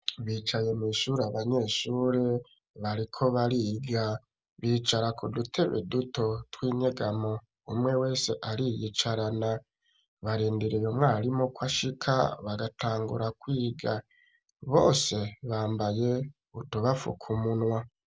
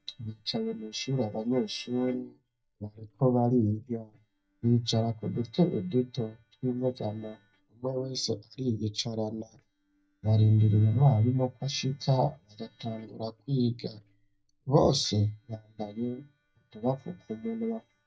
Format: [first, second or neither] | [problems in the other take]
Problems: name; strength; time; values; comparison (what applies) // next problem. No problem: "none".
first | noise reduction (neural mask model DeepFilterNet 3)